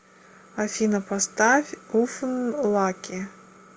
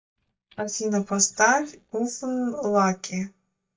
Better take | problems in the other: first | noise reduction (neural mask model DeepFilterNet 3)

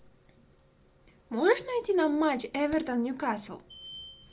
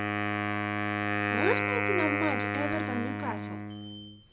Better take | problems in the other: first | background sound (Wind instrument, woodwind instrument); 4 dB above the speech

